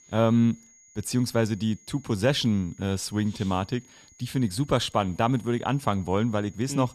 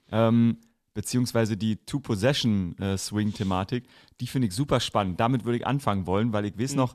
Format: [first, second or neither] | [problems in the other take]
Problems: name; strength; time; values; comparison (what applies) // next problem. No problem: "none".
second | high-pitched whine; faint; throughout; 6.5 kHz, 25 dB below the speech